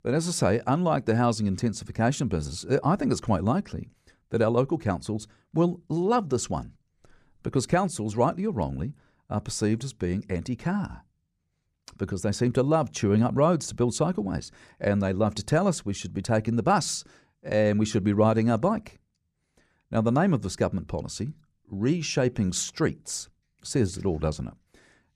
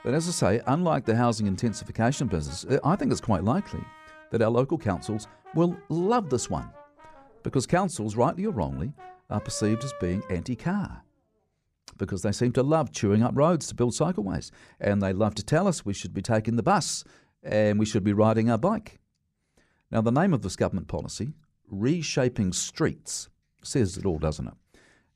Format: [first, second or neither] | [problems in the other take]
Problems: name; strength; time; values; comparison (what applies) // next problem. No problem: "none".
first | background music; faint; throughout; 20 dB below the speech